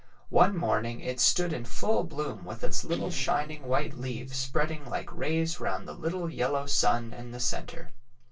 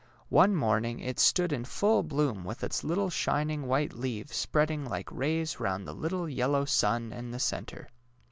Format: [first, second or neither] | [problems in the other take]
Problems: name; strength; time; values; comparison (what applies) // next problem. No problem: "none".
second | noise reduction (neural separator model SepFormer DNS4)